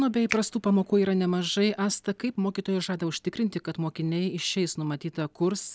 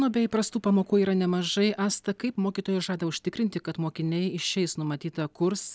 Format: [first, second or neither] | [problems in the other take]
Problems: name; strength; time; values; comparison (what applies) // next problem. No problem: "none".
second | background sound (Finger snapping); 8 dB below the speech